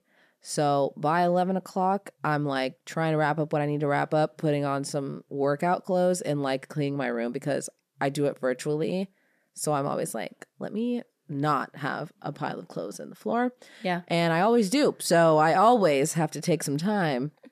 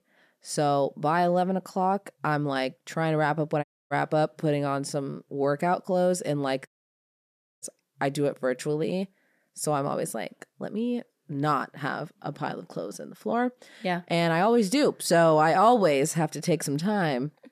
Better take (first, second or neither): first